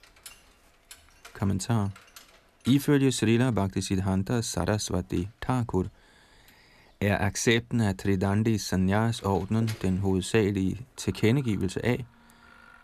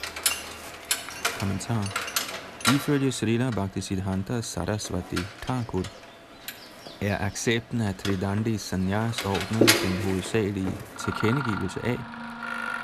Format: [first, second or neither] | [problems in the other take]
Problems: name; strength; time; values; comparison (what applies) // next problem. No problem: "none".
first | machinery noise; loud; throughout; 1 dB below the speech; faint in the first